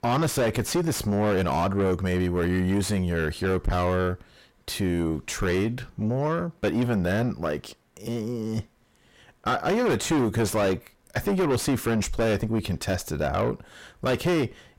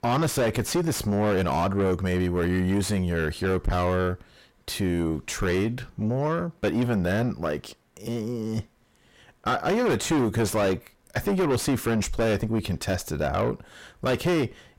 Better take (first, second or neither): neither